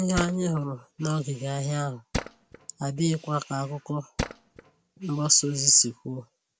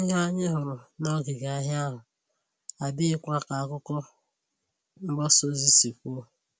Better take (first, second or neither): second